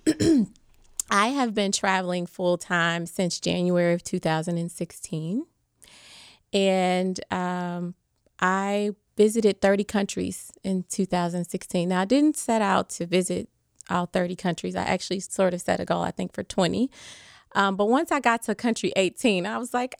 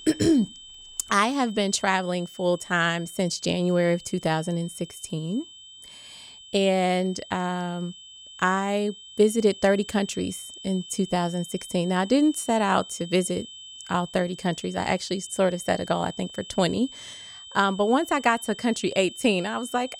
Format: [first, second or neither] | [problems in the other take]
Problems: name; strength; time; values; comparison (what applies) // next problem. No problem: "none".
first | high-pitched whine; noticeable; throughout; 3 kHz, 15 dB below the speech